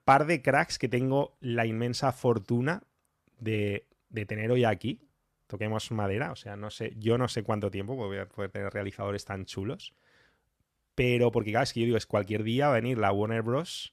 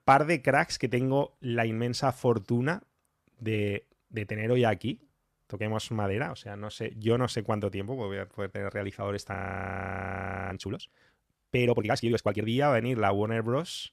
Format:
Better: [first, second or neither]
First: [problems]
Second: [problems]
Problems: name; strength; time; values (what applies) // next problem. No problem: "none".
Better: first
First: none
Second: audio freezing; at 9.5 s for 1 s